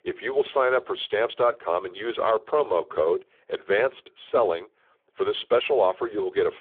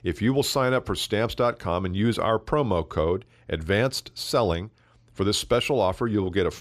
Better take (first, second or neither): second